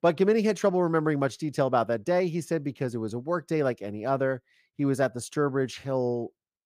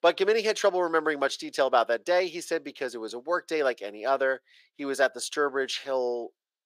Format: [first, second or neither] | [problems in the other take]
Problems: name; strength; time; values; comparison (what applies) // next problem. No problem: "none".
first | thin; somewhat; fading below 400 Hz